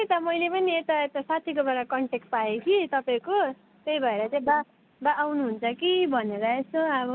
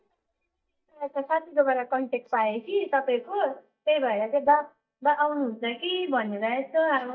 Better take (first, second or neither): first